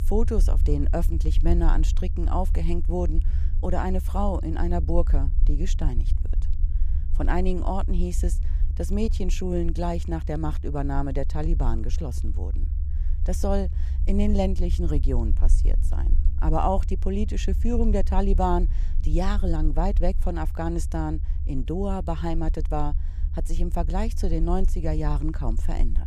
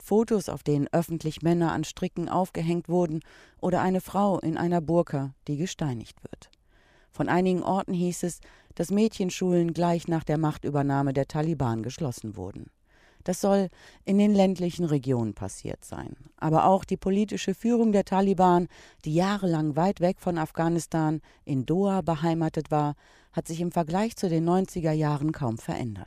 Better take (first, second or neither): second